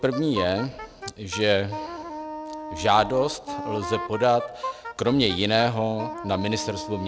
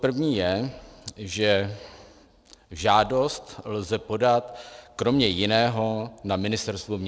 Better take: second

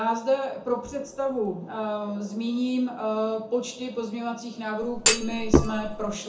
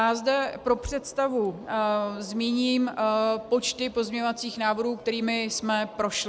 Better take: second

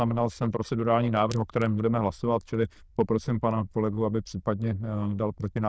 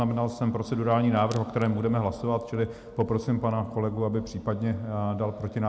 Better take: second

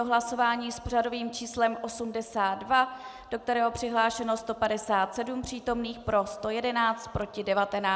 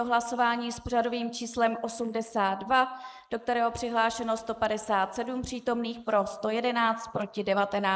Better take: first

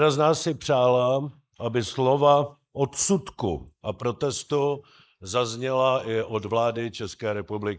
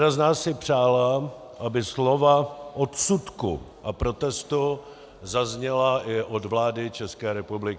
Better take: second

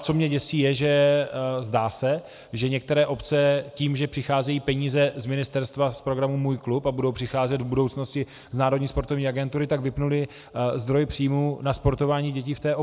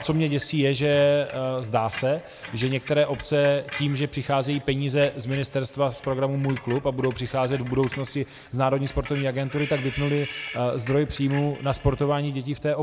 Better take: first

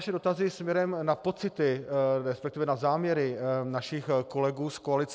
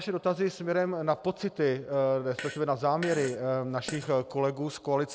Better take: first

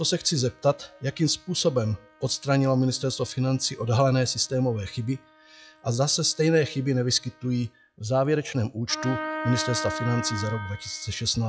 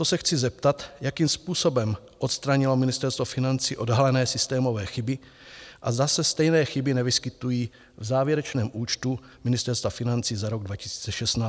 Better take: second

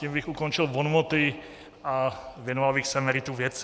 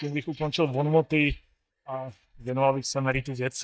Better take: first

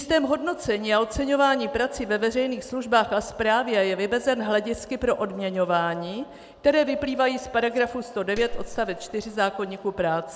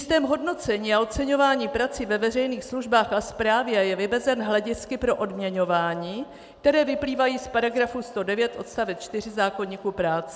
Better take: second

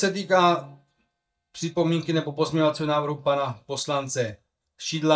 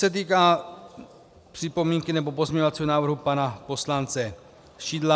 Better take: second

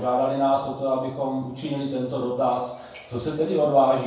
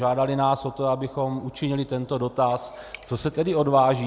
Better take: second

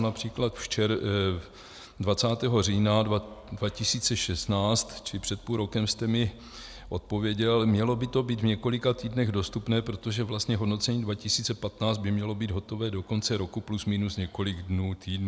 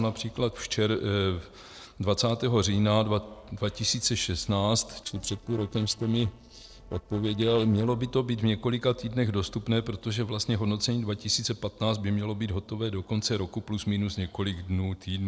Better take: first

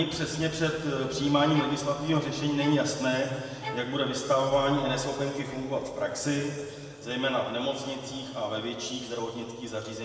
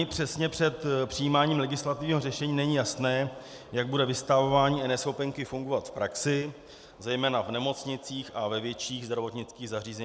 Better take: second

